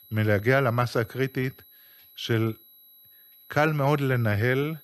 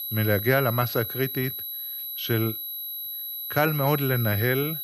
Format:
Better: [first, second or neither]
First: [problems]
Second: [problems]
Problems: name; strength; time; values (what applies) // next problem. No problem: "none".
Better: first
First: high-pitched whine; faint; throughout; 12 kHz, 25 dB below the speech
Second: high-pitched whine; loud; throughout; 12 kHz, 5 dB below the speech